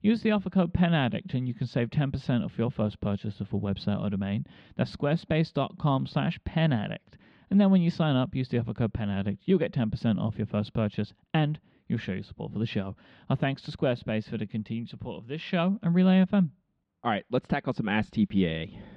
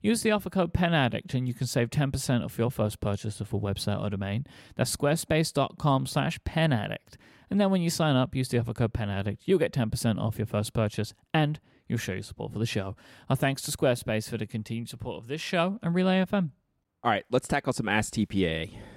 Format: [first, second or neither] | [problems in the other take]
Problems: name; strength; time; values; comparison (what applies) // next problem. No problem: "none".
second | muffled; slightly; fading above 3.5 kHz